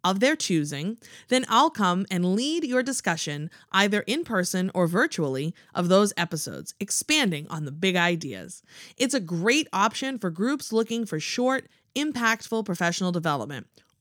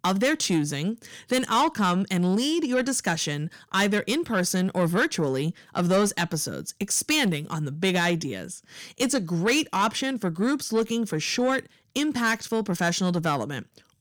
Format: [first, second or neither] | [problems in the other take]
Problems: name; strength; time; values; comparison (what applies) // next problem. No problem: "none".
first | distortion; slight; 10 dB below the speech